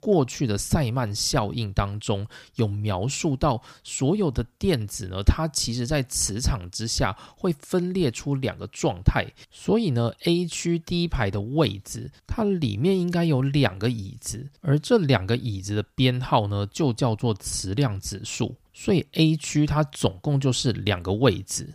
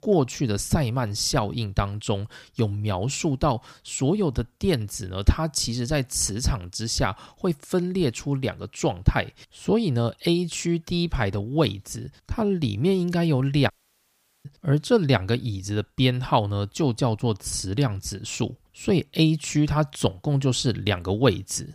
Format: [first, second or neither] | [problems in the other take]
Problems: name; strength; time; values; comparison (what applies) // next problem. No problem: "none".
first | audio cutting out; at 14 s for 1 s